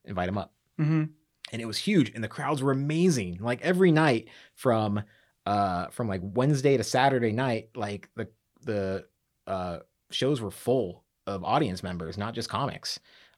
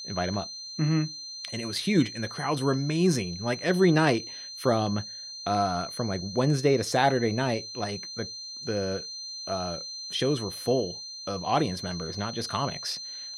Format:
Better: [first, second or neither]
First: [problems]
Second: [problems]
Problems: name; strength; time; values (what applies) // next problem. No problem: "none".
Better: first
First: none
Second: high-pitched whine; loud; throughout; 4 kHz, 9 dB below the speech